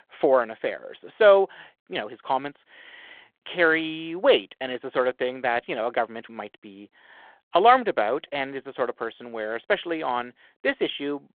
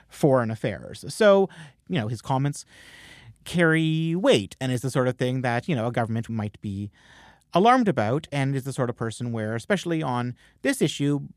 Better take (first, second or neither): second